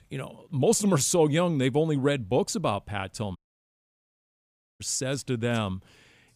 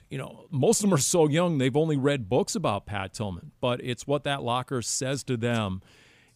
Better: second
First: audio cutting out; at 3.5 s for 1.5 s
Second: none

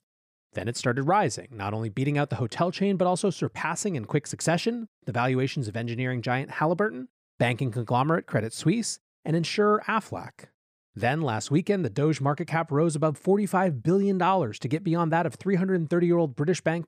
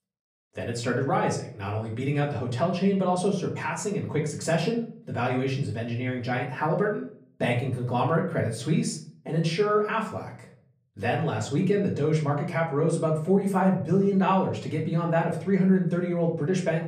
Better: first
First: none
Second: off-mic speech; far // room echo; slight; dies away in 0.4 s

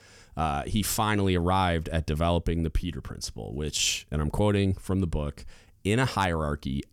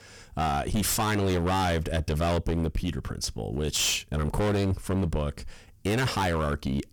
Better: first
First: none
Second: distortion; heavy; 20% of the sound clipped

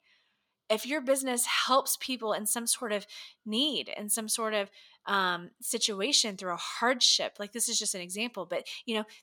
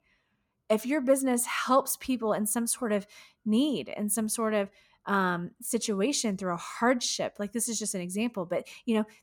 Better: second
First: thin; very slightly; fading below 550 Hz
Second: none

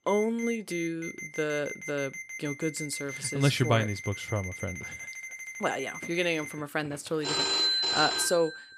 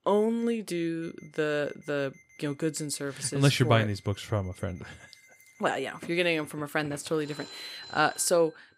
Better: second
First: alarms or sirens; loud; throughout; 2 dB below the speech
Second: alarms or sirens; faint; throughout; 20 dB below the speech

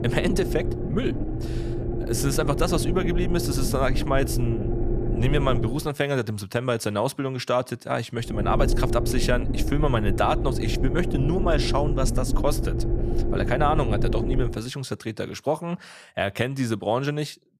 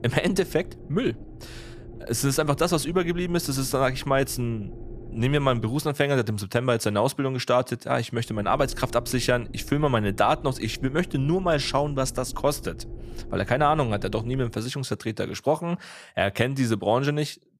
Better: second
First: low rumble; loud; until 5.5 s and from 8.5 to 15 s; 6 dB below the speech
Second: low rumble; faint; until 5.5 s and from 8.5 to 15 s; 20 dB below the speech

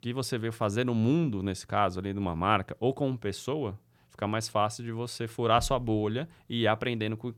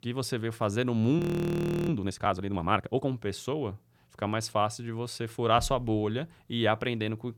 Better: first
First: none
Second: audio freezing; at 1 s for 0.5 s

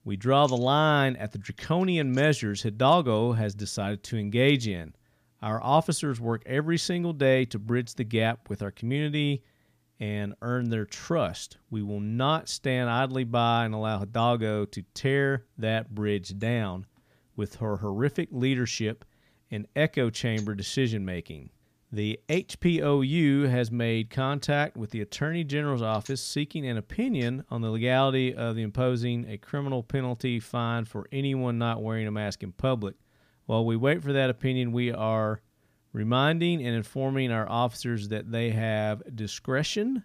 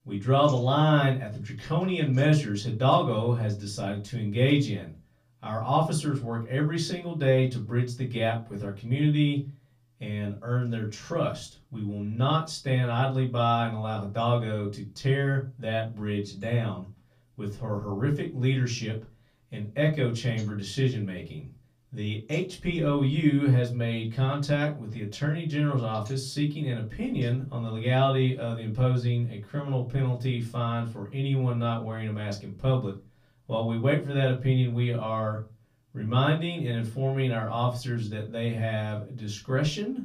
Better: first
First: none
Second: off-mic speech; far // room echo; very slight; dies away in 0.2 s

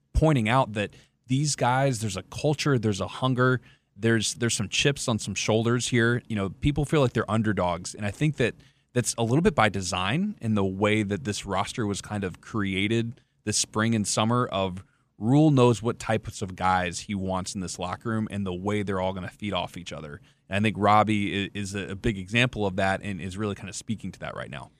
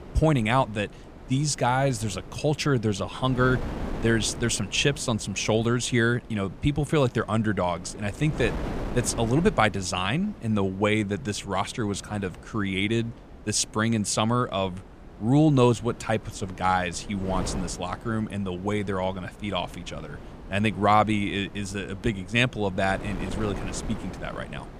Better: first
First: none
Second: wind noise on the microphone; occasional gusts; 15 dB below the speech

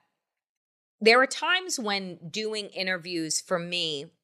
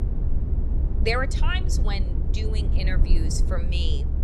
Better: first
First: none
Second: low rumble; loud; throughout; 10 dB below the speech

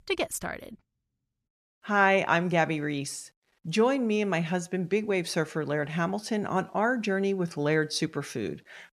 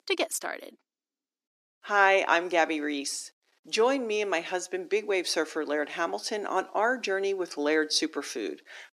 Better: first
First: none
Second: thin; somewhat; fading below 300 Hz

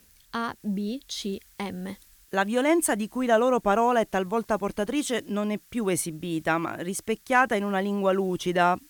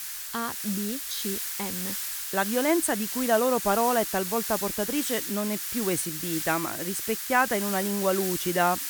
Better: first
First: hiss; faint; throughout; 30 dB below the speech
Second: hiss; loud; throughout; 2 dB below the speech

